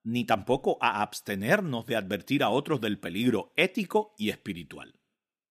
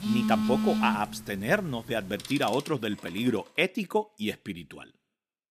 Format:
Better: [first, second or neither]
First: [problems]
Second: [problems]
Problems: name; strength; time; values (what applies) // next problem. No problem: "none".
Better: first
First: none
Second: alarms or sirens; loud; until 3.5 s; 2 dB below the speech